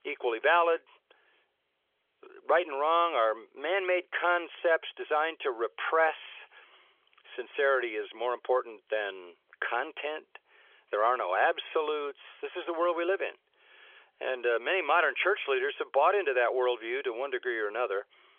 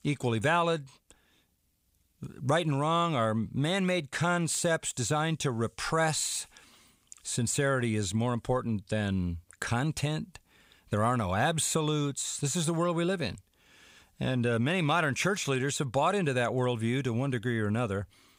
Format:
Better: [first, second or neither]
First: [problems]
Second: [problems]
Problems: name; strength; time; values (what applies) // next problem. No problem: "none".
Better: second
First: phone-call audio; nothing above 3.5 kHz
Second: none